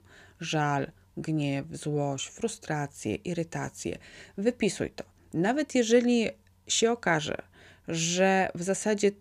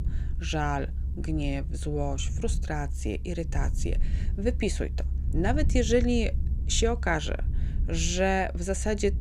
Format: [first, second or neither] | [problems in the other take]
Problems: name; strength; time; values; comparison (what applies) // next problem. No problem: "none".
first | low rumble; noticeable; throughout; 20 dB below the speech